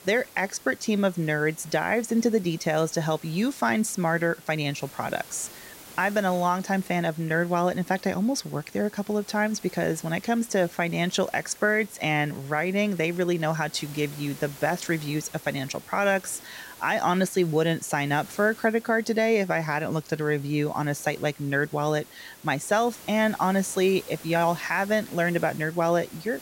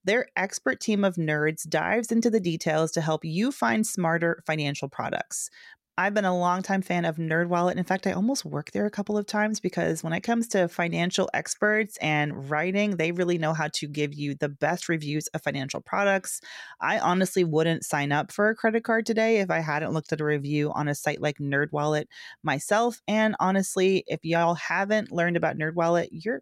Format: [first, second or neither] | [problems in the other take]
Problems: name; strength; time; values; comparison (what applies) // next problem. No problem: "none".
second | hiss; noticeable; throughout; 20 dB below the speech